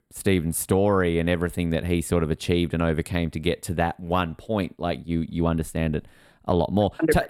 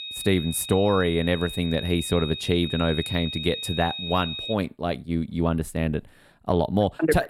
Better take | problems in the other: first | high-pitched whine; loud; until 4.5 s; 3.5 kHz, 7 dB below the speech

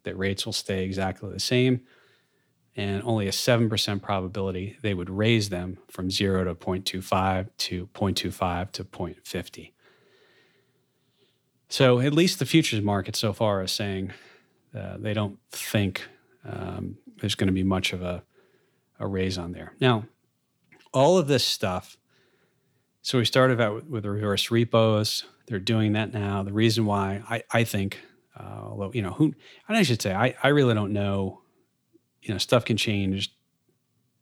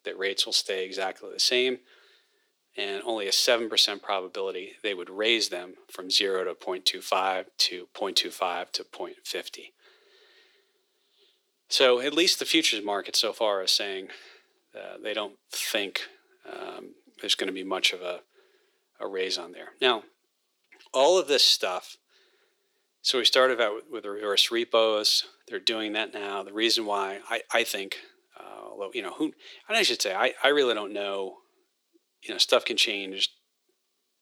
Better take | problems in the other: first | thin; very; fading below 350 Hz

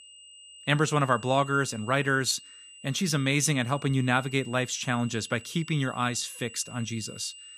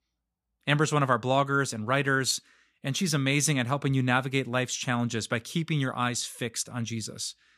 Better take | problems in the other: second | high-pitched whine; noticeable; throughout; 3 kHz, 15 dB below the speech

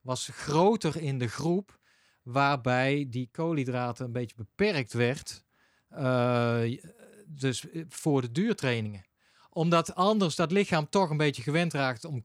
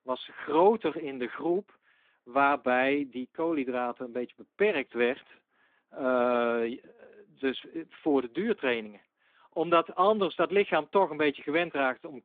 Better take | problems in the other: first | phone-call audio

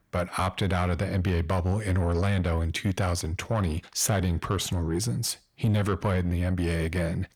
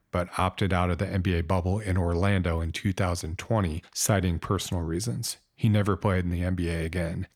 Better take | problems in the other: second | distortion; slight; 10 dB below the speech

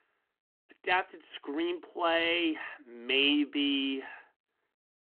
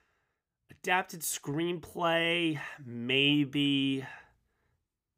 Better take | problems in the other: second | phone-call audio

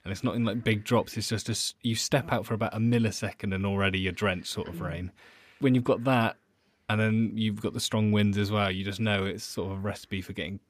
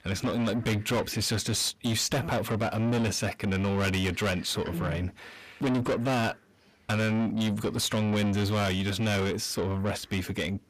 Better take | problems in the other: first | distortion; heavy; 7 dB below the speech

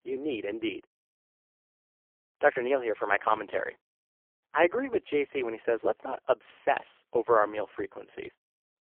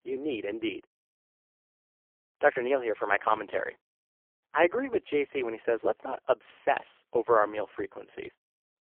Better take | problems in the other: neither | phone-call audio; poor line; nothing above 3 kHz; the same in both

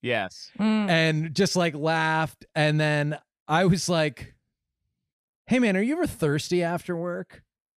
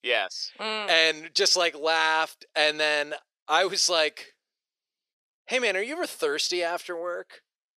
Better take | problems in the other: first | thin; very; fading below 400 Hz

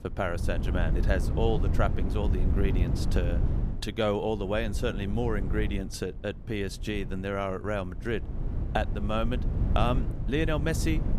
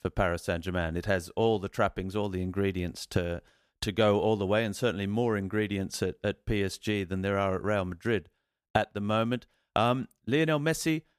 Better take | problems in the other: second | wind noise on the microphone; occasional gusts; 10 dB below the speech

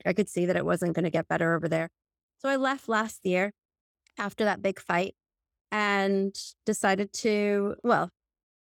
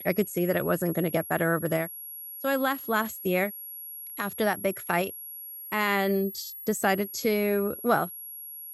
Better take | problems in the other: first | high-pitched whine; loud; throughout; 11.5 kHz, 10 dB below the speech

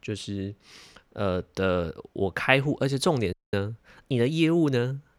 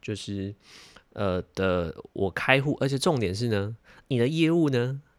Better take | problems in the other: second | audio cutting out; at 3.5 s

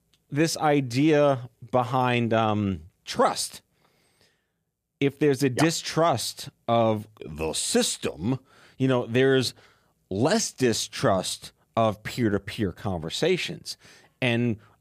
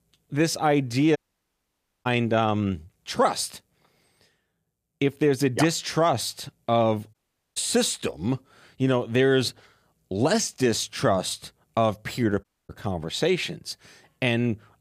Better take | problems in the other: first | audio cutting out; at 1 s for 1 s, at 7 s and at 12 s

